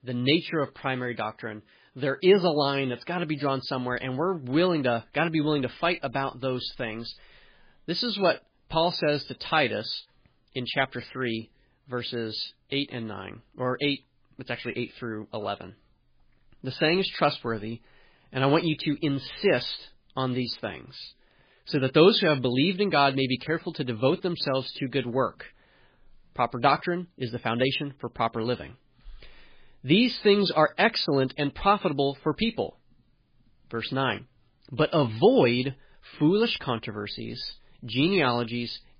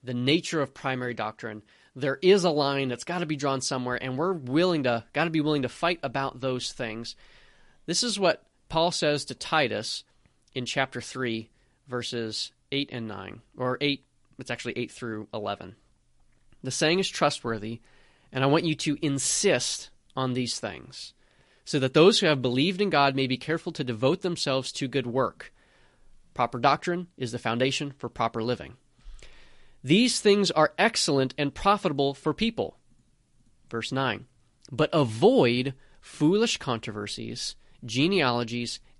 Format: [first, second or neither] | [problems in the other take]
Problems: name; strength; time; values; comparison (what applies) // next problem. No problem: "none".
second | garbled, watery; badly; slightly in the second